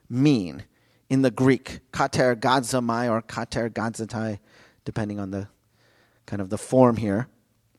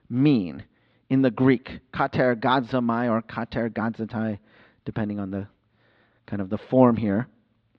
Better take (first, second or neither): first